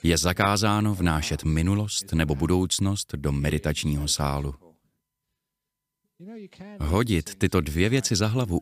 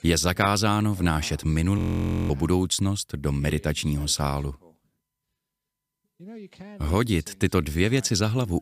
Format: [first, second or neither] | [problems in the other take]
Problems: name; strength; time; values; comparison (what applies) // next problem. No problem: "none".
first | audio freezing; at 2 s for 0.5 s